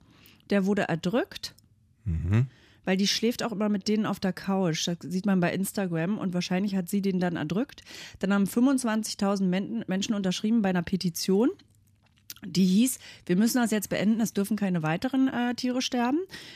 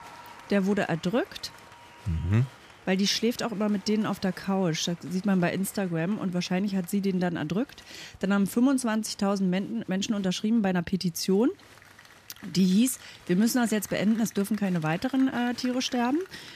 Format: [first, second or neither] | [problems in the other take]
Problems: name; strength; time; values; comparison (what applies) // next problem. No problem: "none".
first | crowd noise; faint; throughout; 25 dB below the speech